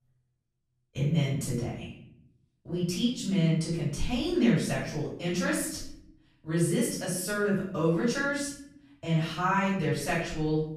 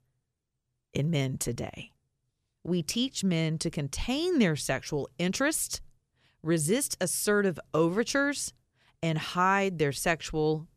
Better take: second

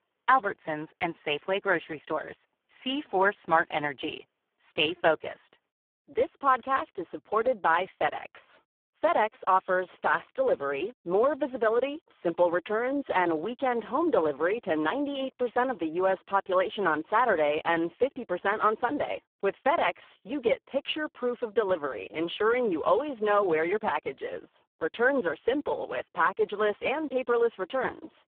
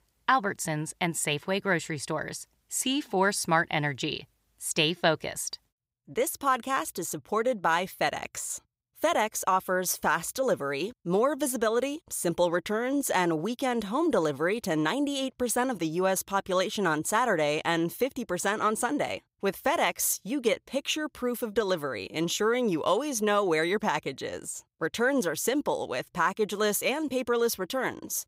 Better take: second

